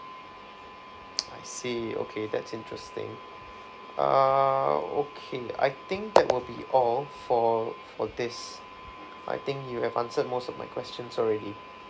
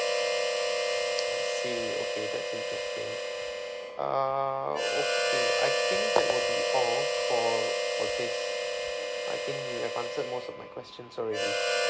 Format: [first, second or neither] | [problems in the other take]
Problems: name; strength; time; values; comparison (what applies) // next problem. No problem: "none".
first | background sound (Harmonica); 5 dB above the speech